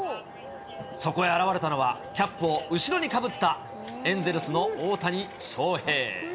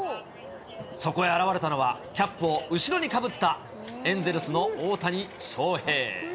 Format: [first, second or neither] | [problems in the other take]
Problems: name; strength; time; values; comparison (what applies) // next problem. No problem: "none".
second | background sound (Wind instrument, woodwind instrument); 17 dB below the speech